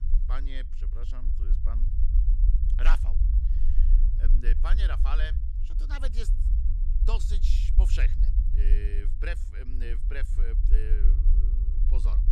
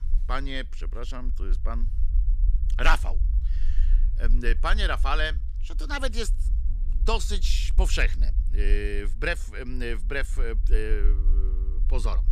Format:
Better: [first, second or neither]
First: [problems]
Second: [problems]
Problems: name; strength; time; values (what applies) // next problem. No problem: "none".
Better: second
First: low rumble; loud; throughout; 9 dB below the speech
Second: low rumble; faint; throughout; 20 dB below the speech